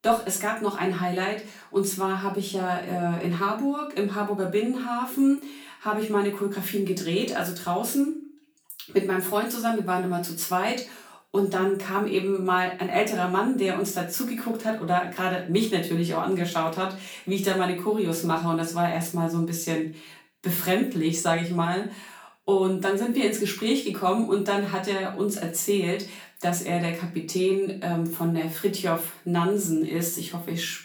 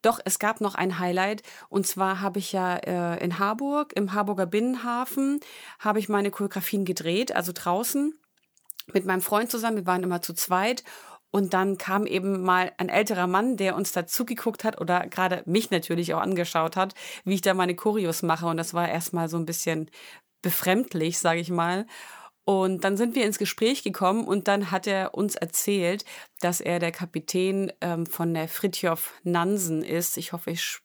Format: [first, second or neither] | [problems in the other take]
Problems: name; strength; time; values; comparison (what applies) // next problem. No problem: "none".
second | room echo; slight; dies away in 0.4 s // off-mic speech; far